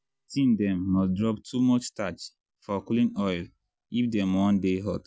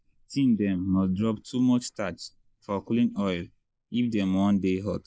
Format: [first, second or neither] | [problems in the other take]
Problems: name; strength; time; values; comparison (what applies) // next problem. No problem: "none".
first | noise reduction (neural mask model Resemble Enhance denoiser)